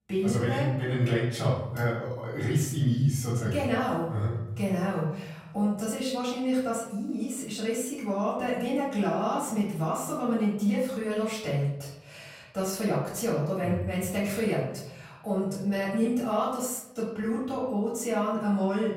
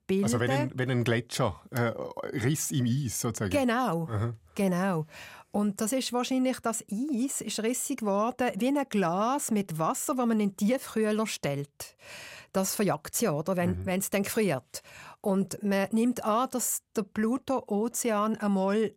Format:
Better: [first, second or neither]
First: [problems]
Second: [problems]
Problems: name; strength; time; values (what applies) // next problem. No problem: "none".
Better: second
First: off-mic speech; far // room echo; noticeable; dies away in 0.9 s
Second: none